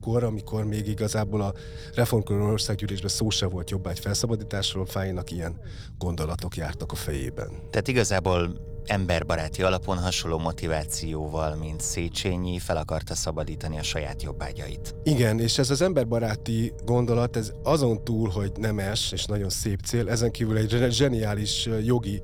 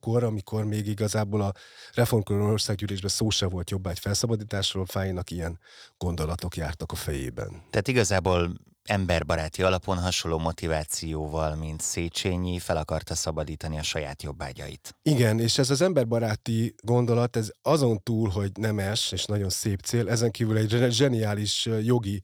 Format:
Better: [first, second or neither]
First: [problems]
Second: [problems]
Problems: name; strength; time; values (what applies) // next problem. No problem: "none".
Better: second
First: low rumble; noticeable; throughout; 20 dB below the speech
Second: none